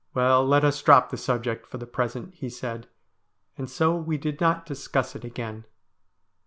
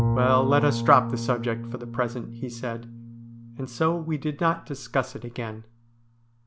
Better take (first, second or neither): first